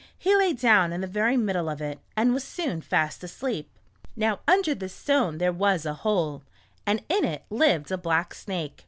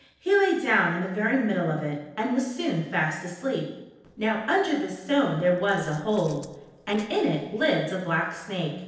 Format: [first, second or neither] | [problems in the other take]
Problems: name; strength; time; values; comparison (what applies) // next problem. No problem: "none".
first | noise reduction (neural separator model SepFormer DNS4)